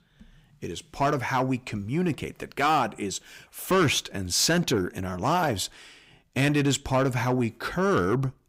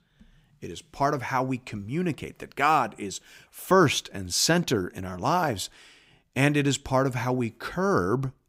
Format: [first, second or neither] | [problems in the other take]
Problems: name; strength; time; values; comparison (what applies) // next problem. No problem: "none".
second | distortion; slight; 10 dB below the speech